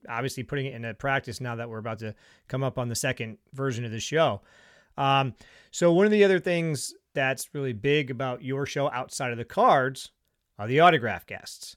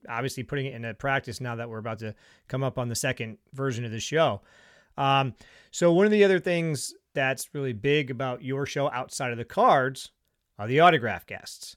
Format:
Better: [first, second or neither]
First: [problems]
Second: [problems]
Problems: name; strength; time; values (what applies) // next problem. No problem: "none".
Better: neither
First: none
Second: none